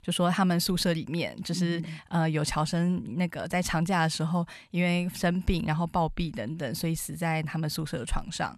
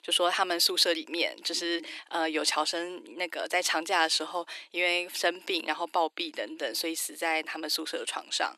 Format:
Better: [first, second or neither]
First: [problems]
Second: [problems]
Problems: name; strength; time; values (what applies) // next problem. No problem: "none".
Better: first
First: none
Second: thin; very; fading below 300 Hz